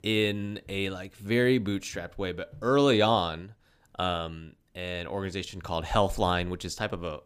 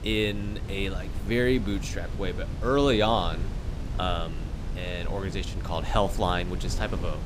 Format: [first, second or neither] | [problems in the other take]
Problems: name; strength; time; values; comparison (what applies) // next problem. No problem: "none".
first | wind noise on the microphone; occasional gusts; 15 dB below the speech